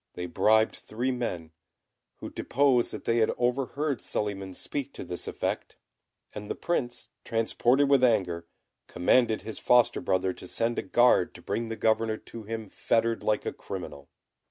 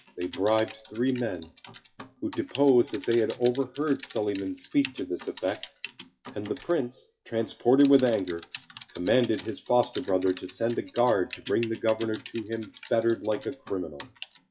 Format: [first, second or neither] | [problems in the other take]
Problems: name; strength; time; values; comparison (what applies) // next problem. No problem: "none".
first | noise reduction (classical method WPE with log-MMSE)